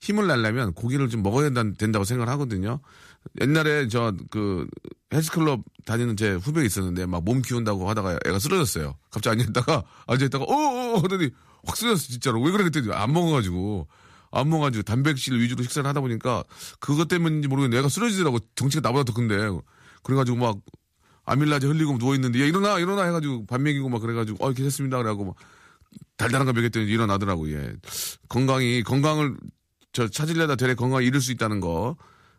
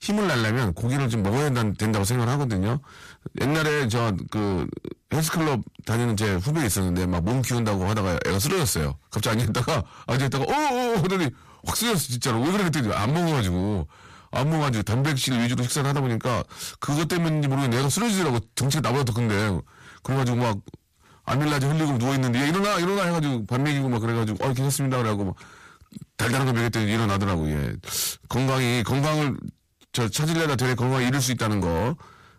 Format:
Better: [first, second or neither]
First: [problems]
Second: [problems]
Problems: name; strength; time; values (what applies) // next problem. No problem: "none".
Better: first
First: none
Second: distortion; heavy; 30% of the sound clipped